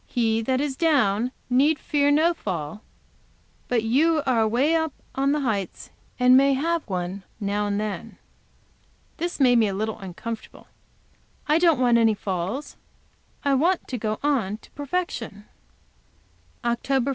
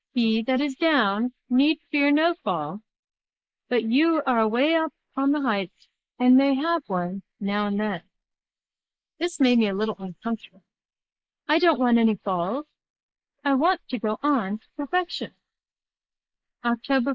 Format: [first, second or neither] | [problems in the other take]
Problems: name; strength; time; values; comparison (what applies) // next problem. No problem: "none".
first | noise reduction (neural mask model Resemble Enhance denoiser)